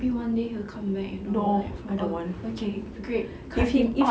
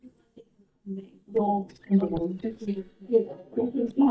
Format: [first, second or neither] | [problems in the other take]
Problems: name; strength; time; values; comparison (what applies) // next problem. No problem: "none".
first | noise reduction (neural mask model DeepFilterNet 3)